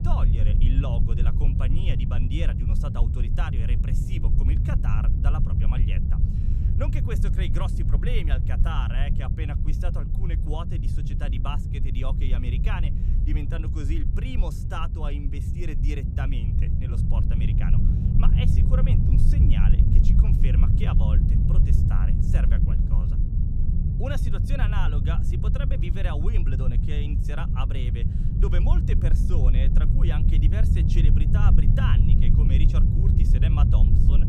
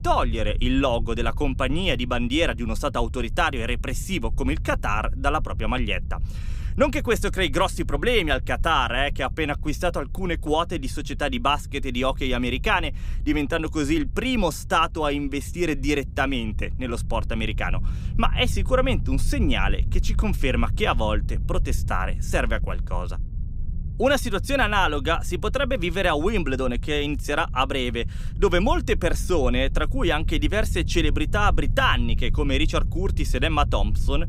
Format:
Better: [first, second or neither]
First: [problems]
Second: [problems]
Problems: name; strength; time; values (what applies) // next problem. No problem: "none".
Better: second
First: low rumble; loud; throughout; as loud as the speech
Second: low rumble; faint; throughout; 20 dB below the speech